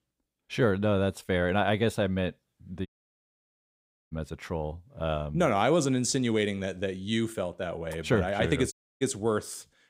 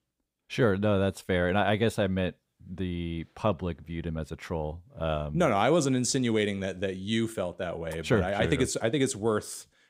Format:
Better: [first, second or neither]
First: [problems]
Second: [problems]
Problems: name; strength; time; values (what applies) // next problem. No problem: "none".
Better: second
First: audio cutting out; at 3 s for 1.5 s and at 8.5 s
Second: none